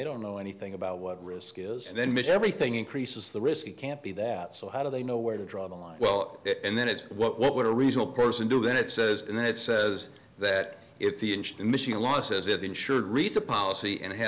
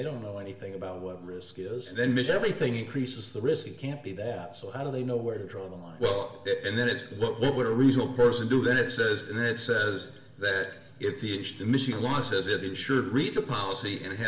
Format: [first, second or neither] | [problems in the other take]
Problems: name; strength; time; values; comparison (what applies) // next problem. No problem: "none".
first | room echo; dies away in 0.7 s